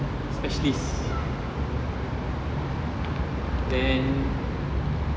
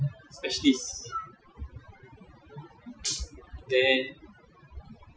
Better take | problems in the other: first | noise reduction (classical method Wiener filter)

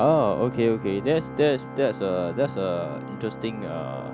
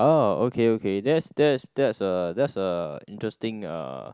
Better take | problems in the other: second | background sound (Organ); 11 dB below the speech

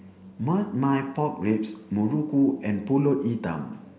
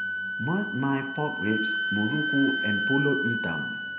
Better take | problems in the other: first | background sound (Wind instrument, woodwind instrument); 1 dB below the speech

